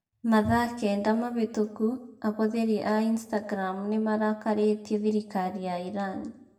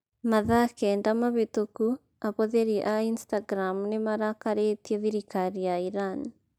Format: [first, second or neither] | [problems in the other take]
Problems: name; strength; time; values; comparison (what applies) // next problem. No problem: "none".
second | room echo; dies away in 0.6 s